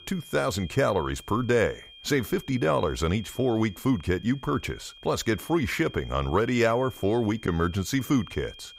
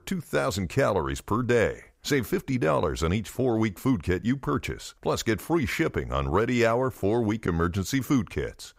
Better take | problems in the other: second | high-pitched whine; noticeable; throughout; 3 kHz, 20 dB below the speech

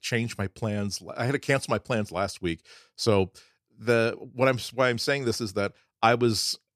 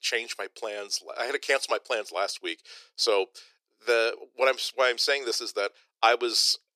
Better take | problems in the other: first | thin; very; fading below 400 Hz

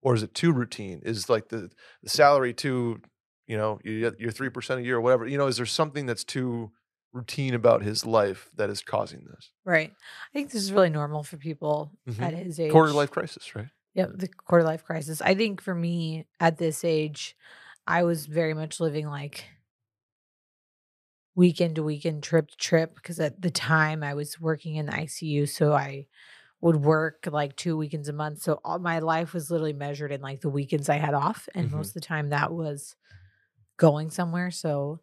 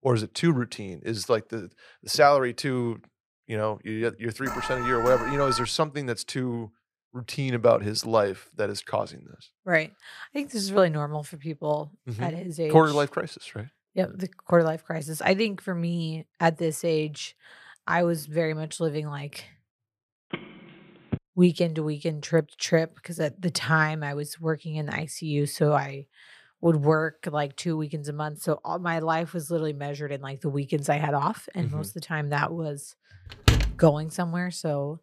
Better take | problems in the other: first | alarm; noticeable; from 4.5 to 5.5 s; peak 2 dB below the speech // phone ringing; noticeable; at 20 s; peak 9 dB below the speech // door banging; loud; at 33 s; peak 4 dB above the speech

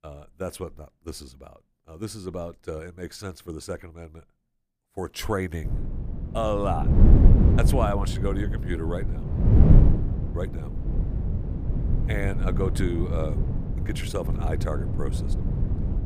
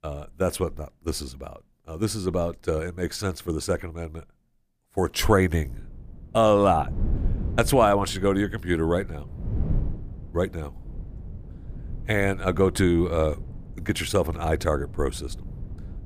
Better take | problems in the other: second | wind noise on the microphone; heavy; from 5.5 s on; 3 dB below the speech; occasional gusts in the second

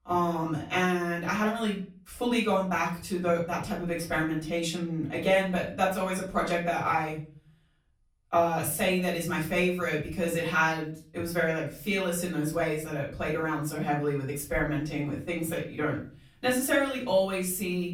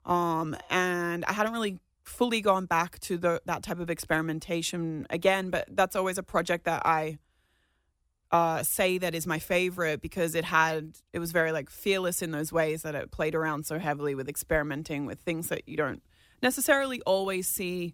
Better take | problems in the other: second | off-mic speech; far // room echo; slight; dies away in 0.4 s

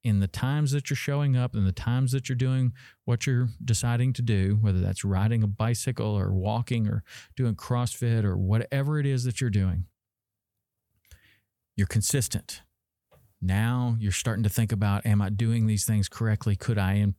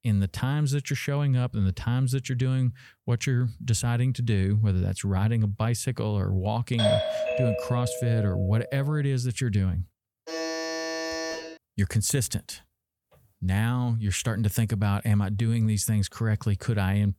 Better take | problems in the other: first | doorbell; loud; from 7 to 8.5 s; peak 2 dB above the speech // alarm; noticeable; from 10 to 12 s; peak 4 dB below the speech

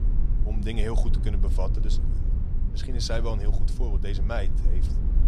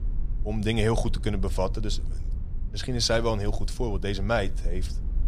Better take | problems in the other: second | low rumble; loud; throughout; 9 dB below the speech; faint in the second

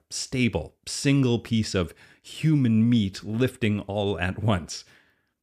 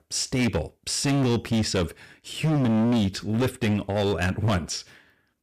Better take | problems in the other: first | distortion; heavy; 18% of the sound clipped

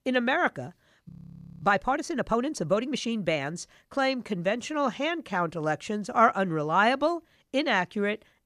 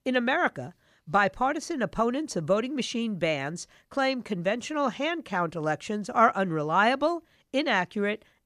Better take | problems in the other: second | audio freezing; at 1 s for 0.5 s

